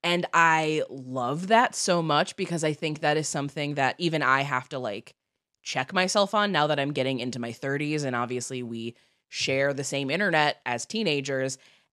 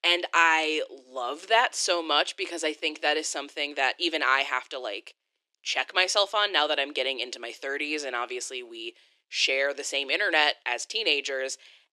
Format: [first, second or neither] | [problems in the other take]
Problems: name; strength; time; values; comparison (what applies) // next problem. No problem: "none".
first | thin; very; fading below 300 Hz